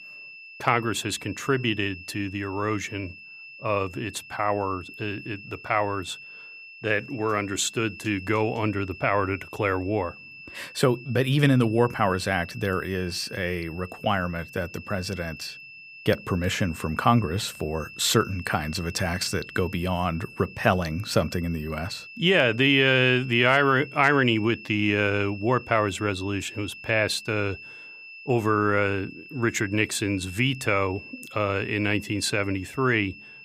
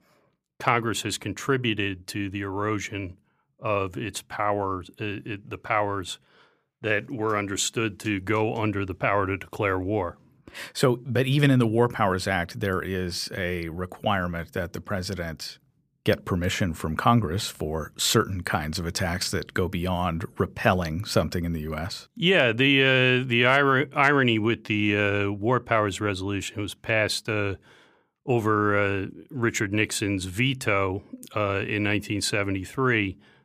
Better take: second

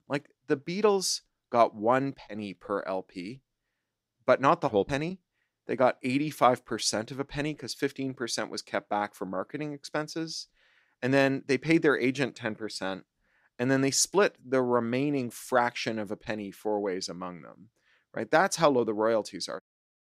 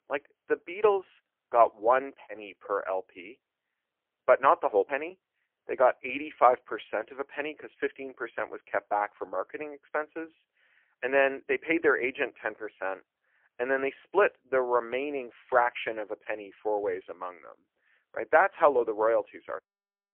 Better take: first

